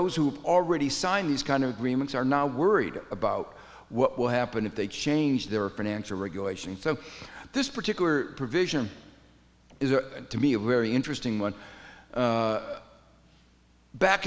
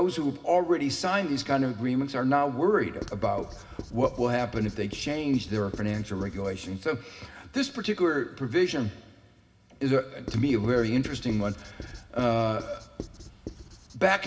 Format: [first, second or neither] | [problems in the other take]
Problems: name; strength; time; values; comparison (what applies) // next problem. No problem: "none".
first | background sound (Writing); 14 dB below the speech // room echo; dies away in 0.4 s